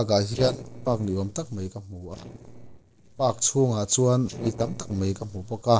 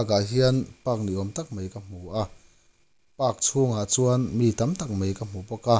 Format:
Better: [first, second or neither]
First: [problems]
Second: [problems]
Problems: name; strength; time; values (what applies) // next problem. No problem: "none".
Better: second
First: noise reduction (neural separator model SepFormer DNS4)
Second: none